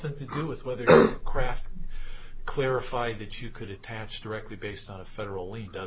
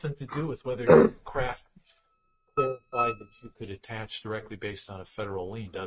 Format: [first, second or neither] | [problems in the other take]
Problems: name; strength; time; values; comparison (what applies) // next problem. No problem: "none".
first | noise reduction (neural mask model RNNoise)